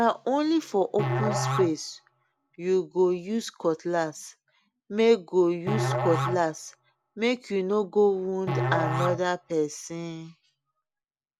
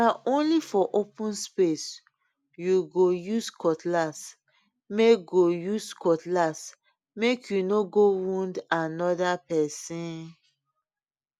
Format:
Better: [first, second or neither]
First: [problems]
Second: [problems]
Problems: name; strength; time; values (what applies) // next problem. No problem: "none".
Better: second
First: background sound (Musical instrument); 5 dB below the speech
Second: none